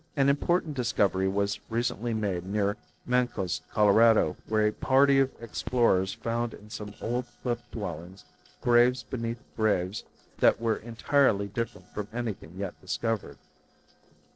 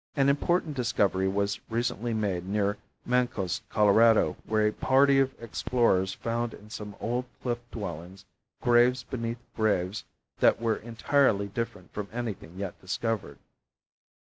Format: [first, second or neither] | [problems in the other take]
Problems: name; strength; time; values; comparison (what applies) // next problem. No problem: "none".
second | noise reduction (neural separator model SepFormer DNS4)